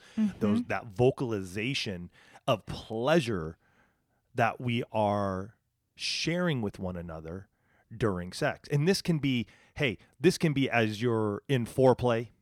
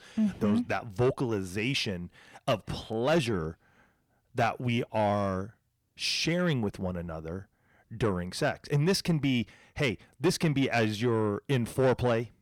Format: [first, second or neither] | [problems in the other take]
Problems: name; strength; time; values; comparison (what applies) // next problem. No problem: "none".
first | distortion; slight; 10 dB below the speech